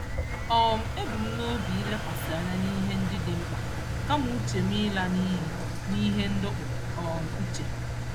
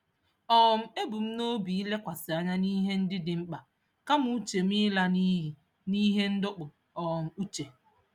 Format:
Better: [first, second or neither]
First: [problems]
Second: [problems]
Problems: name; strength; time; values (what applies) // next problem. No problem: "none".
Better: second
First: background sound (Engine); as loud as the speech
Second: none